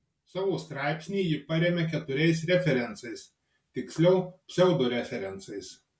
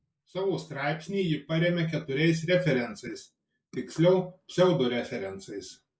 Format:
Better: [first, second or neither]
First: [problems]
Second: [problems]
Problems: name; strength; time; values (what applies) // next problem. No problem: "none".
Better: first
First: none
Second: noise reduction (neural mask model Resemble Enhance denoiser)